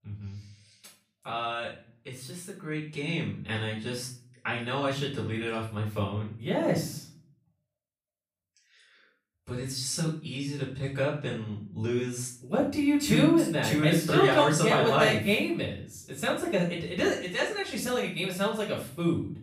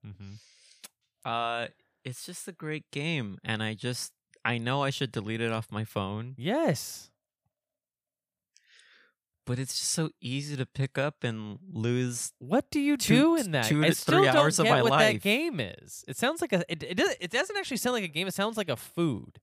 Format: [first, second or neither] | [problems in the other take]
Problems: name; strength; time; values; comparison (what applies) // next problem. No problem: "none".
second | off-mic speech; far // room echo; noticeable; dies away in 0.4 s